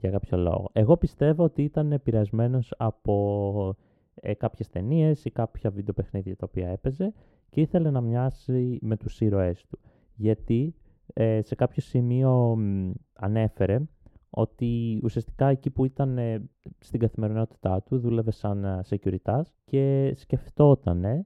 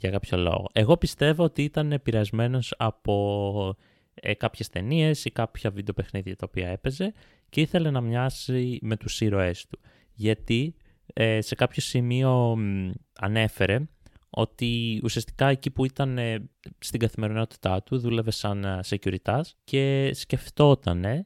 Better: second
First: muffled; very; fading above 1.5 kHz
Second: none

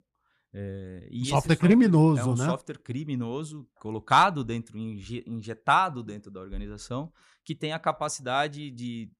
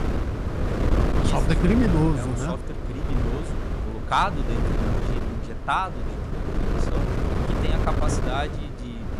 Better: first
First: none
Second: wind noise on the microphone; heavy; 6 dB below the speech

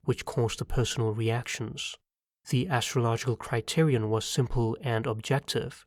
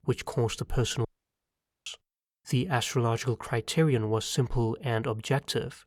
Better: first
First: none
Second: audio cutting out; at 1 s for 1 s

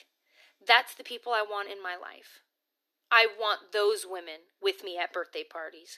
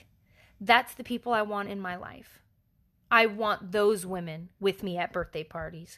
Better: second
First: thin; very; fading below 300 Hz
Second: none

